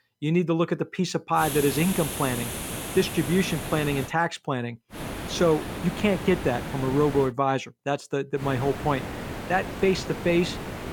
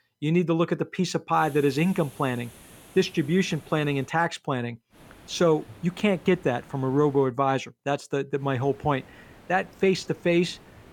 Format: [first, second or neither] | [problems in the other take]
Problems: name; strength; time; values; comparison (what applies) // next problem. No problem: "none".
second | hiss; loud; from 1.5 to 4 s, from 5 to 7.5 s and from 8.5 s on; 8 dB below the speech; faint in the second